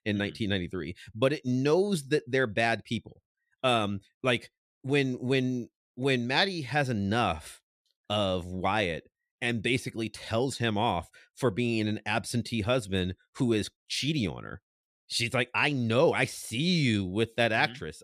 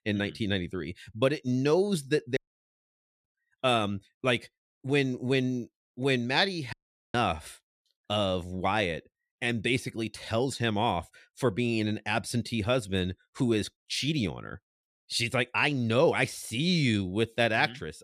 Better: first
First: none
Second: audio cutting out; at 2.5 s for 1 s and at 6.5 s

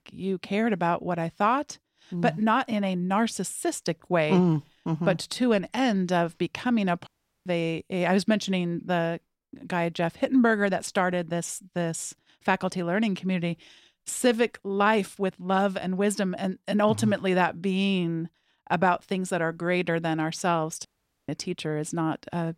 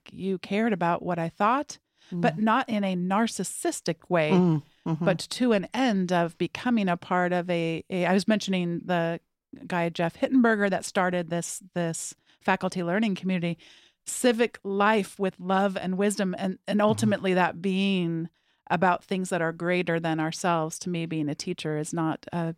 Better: second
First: audio cutting out; at 7 s and at 21 s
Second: none

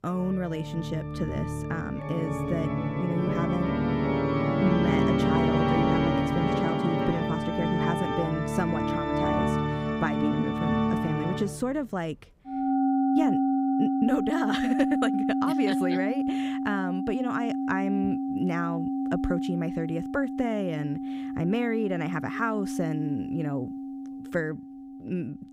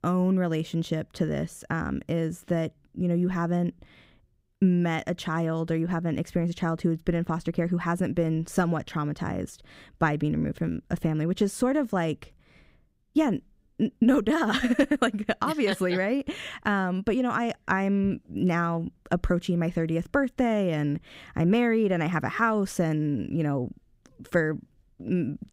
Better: second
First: background music; very loud; throughout; 3 dB above the speech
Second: none

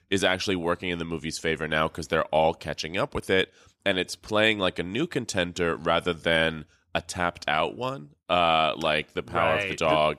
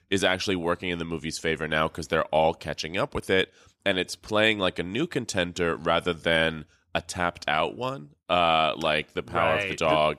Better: neither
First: none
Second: none

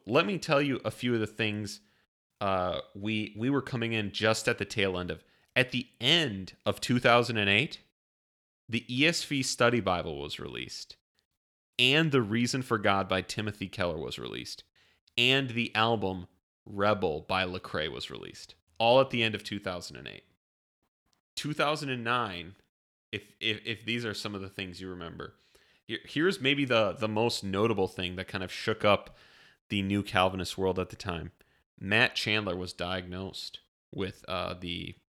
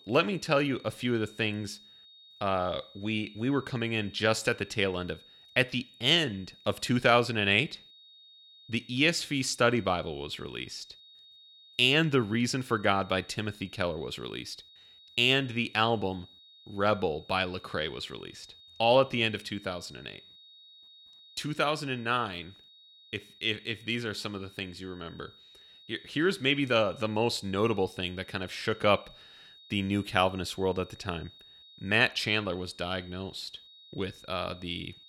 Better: first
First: none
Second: high-pitched whine; faint; throughout; 3.5 kHz, 25 dB below the speech

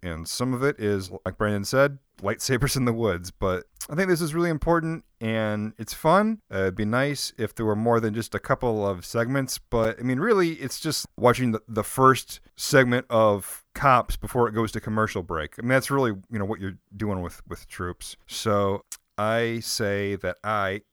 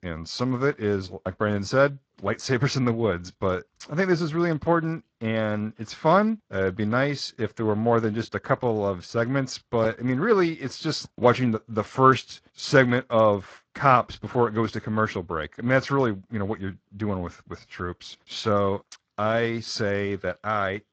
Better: first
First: none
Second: garbled, watery; slightly; nothing above 7.5 kHz

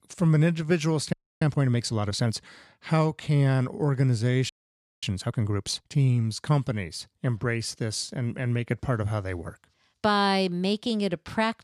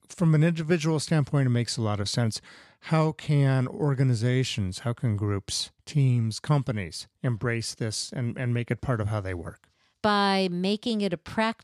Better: second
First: audio freezing; at 1 s and at 4.5 s for 0.5 s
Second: none

